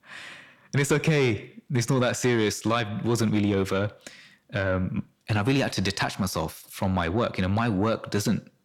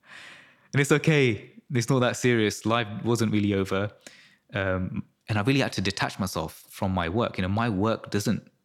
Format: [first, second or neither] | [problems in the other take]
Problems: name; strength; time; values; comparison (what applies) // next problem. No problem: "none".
second | distortion; slight; 10 dB below the speech